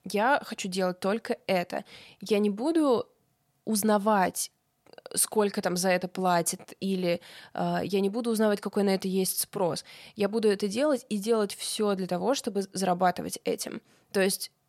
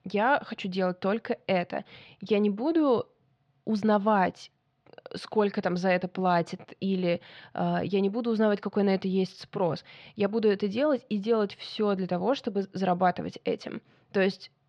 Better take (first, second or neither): first